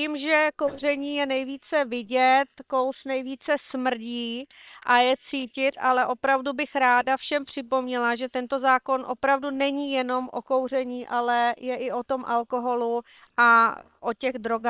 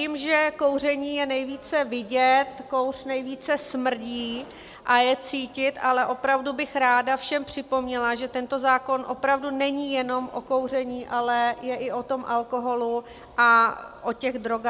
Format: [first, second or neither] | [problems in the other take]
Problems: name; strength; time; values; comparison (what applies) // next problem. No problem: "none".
second | noise reduction (neural separator model SepFormer WHAM!)